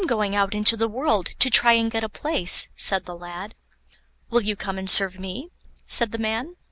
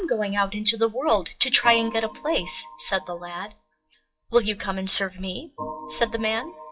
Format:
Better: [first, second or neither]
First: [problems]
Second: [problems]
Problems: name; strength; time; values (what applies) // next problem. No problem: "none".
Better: first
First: none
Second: noise reduction (classical method WPE with log-MMSE)